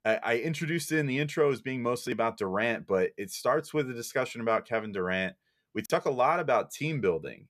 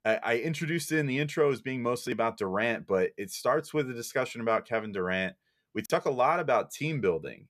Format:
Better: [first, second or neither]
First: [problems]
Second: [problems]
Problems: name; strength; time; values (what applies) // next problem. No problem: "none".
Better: neither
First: none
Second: none